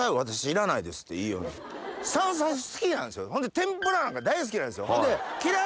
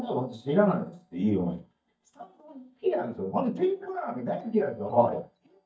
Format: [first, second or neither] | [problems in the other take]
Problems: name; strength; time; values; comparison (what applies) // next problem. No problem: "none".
first | noise reduction (neural mask model DeepFilterNet 3)